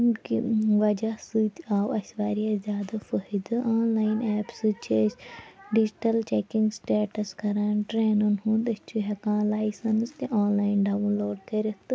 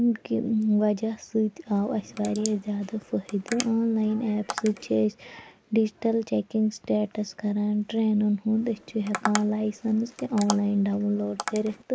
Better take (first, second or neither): first